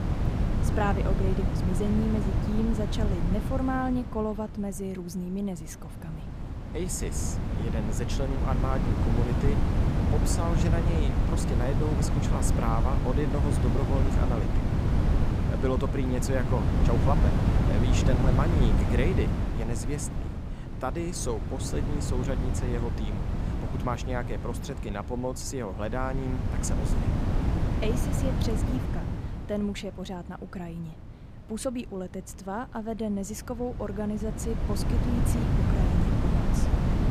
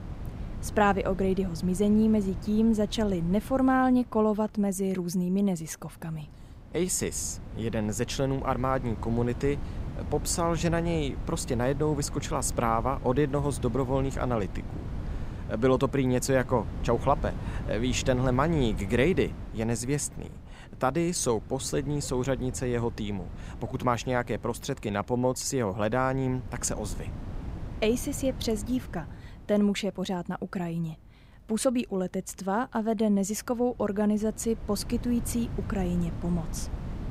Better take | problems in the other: second | wind noise on the microphone; heavy; 2 dB below the speech; occasional gusts in the second

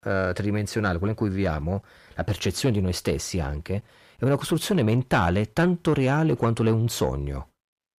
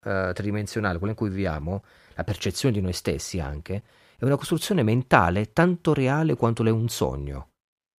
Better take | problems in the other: second | distortion; slight; 10 dB below the speech

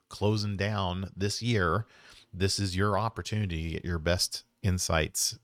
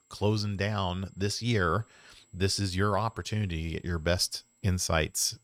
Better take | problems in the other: first | high-pitched whine; faint; throughout; 7.5 kHz, 35 dB below the speech

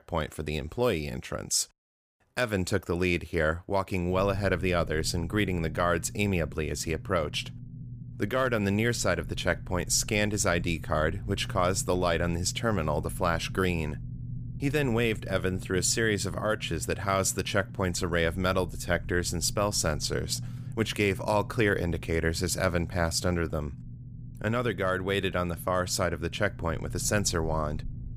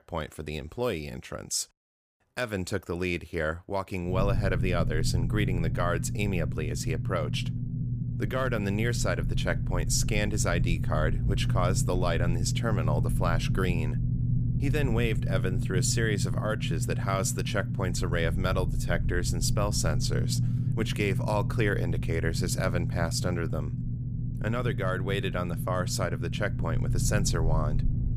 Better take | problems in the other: first | low rumble; loud; from 4 s on; 10 dB below the speech; faint in the first

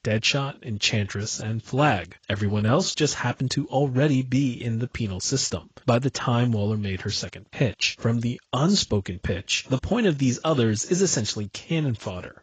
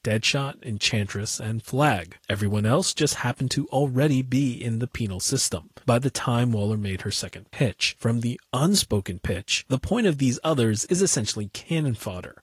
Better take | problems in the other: second | garbled, watery; badly; nothing above 7.5 kHz; slightly in the second

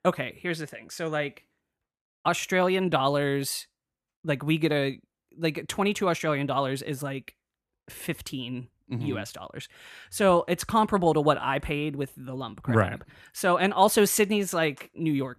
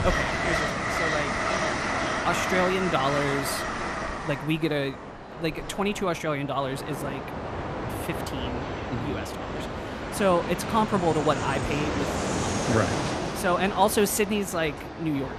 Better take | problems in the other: first | train or aircraft noise; loud; throughout; 2 dB below the speech

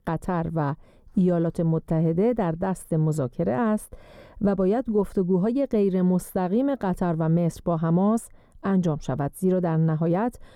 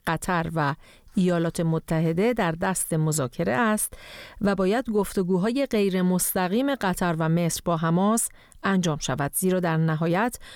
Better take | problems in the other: second | muffled; slightly; fading above 1 kHz

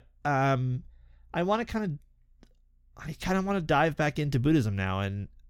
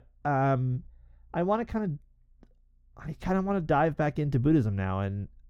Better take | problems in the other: first | muffled; slightly; fading above 2 kHz

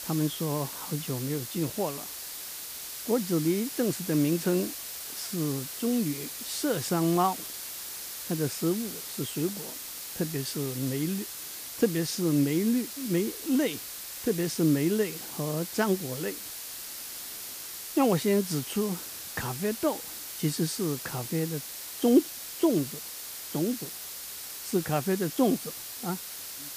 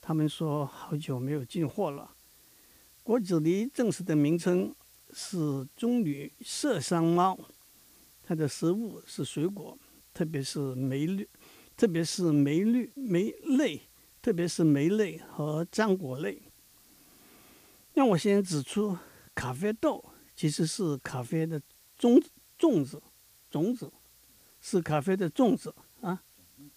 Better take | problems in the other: second | hiss; loud; throughout; 7 dB below the speech; faint in the second

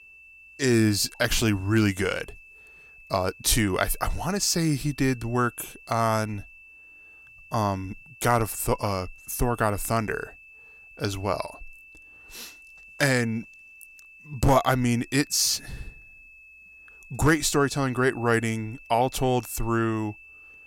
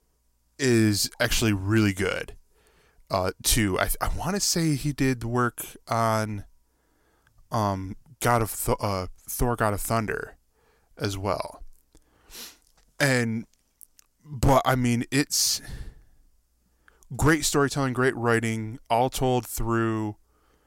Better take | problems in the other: second | high-pitched whine; faint; throughout; 2.5 kHz, 20 dB below the speech

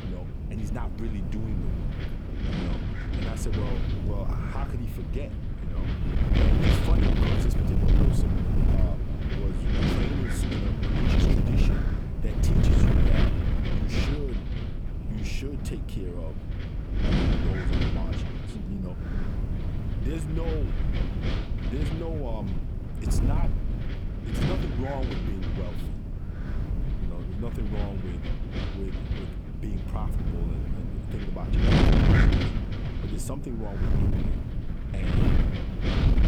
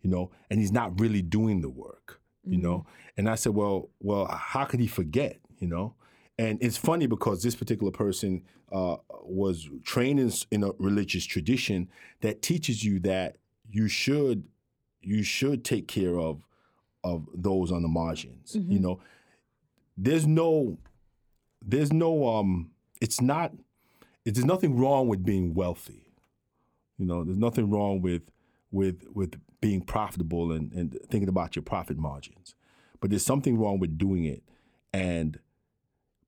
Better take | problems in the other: second | wind noise on the microphone; heavy; 5 dB above the speech

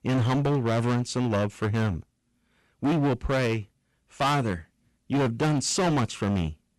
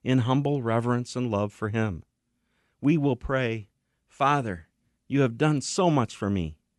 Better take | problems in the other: second | distortion; heavy; 18% of the sound clipped

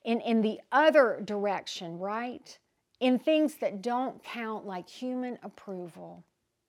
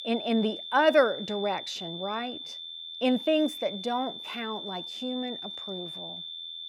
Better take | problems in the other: first | high-pitched whine; loud; throughout; 3.5 kHz, 8 dB below the speech

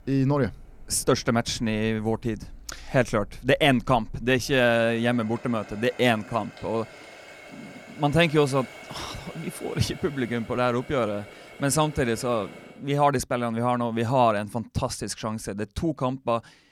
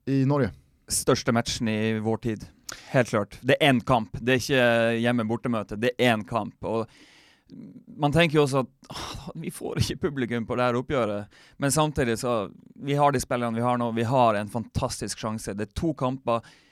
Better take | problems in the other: second | household noises; faint; until 13 s; 20 dB below the speech

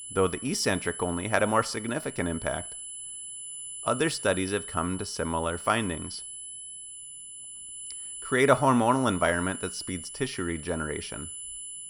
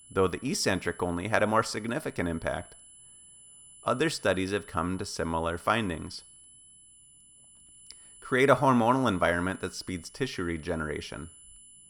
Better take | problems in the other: second | high-pitched whine; loud; throughout; 10 kHz, 10 dB below the speech; faint in the second

